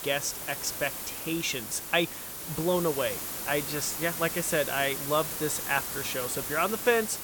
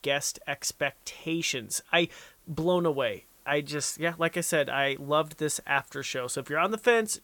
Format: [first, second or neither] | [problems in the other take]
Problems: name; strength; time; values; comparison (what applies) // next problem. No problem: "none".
second | hiss; loud; throughout; 4 dB below the speech; faint in the second